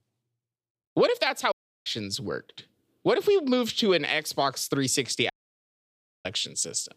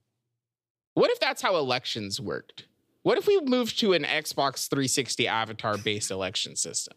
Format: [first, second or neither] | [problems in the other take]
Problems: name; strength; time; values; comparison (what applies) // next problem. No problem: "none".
second | audio cutting out; at 1.5 s and at 5.5 s for 1 s